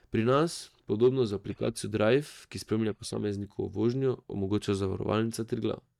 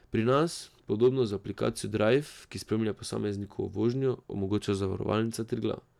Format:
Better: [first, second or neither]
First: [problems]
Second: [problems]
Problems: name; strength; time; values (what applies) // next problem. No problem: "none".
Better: second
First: noise reduction (neural mask model DeepFilterNet 3)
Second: none